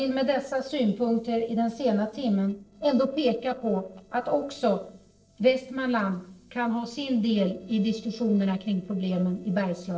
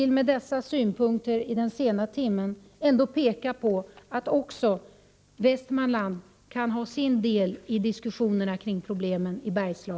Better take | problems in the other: second | noise reduction (neural separator model SepFormer DNS4)

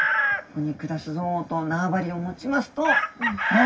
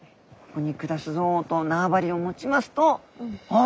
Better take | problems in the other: second | background sound (Chicken, rooster); 1 dB below the speech // room echo; dies away in 0.2 s

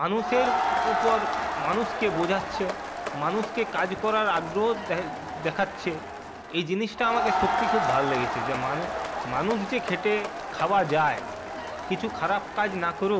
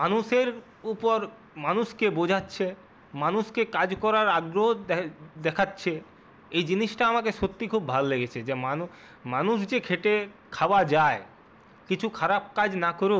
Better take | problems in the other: second | background sound (Crowd); 2 dB below the speech

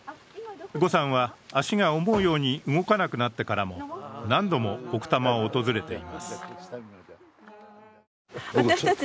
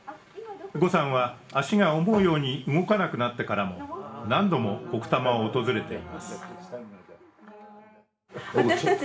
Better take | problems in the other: first | room echo; dies away in 0.8 s

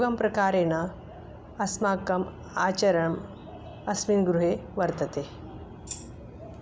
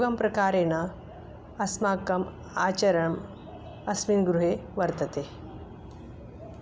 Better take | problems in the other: second | background sound (Tambourine); 16 dB below the speech

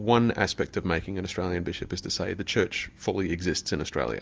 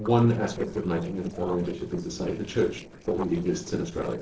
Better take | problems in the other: first | noise reduction (neural separator model SepFormer DNS4)

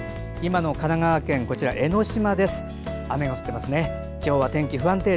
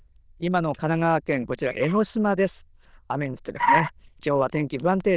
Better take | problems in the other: first | noise reduction (neural diffusion model UNIVERSE++)

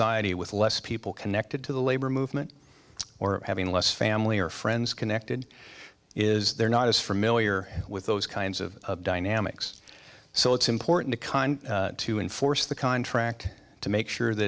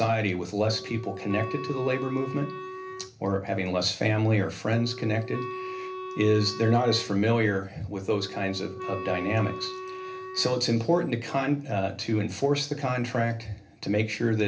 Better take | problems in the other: first | background sound (Wind instrument, woodwind instrument); 11 dB below the speech // room echo; dies away in 0.3 s

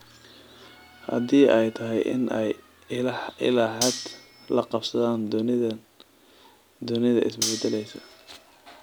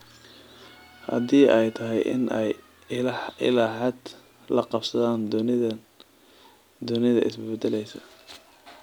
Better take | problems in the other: second | background sound (Cutlery, silverware); 8 dB below the speech

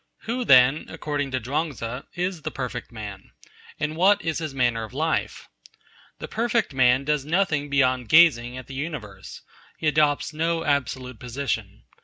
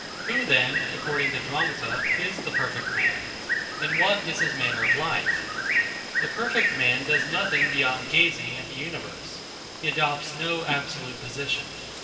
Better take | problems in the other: first | background sound (Bird); as loud as the speech // room echo; dies away in 2.9 s

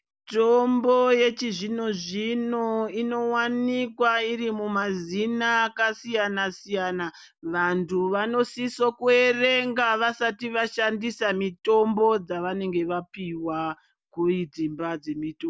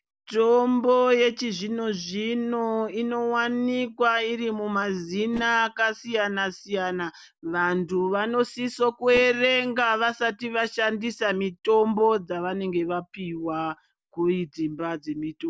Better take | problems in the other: first | noise reduction (neural separator model SepFormer DNS4)

